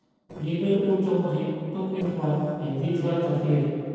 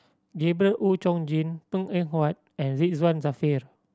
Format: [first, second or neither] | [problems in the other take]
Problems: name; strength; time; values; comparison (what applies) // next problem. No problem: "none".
second | noise reduction (neural separator model SepFormer DNS4)